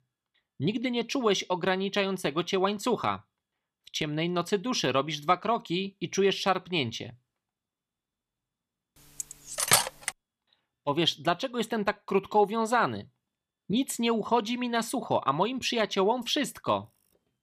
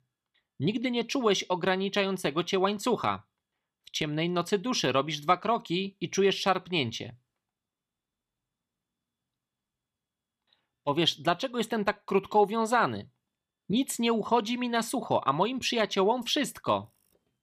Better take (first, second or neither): second